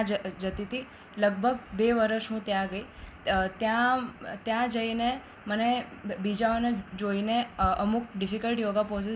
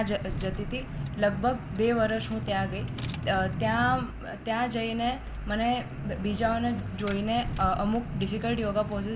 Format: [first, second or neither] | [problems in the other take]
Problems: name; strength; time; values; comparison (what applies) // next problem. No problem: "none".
first | background sound (Engine / Car); 6 dB below the speech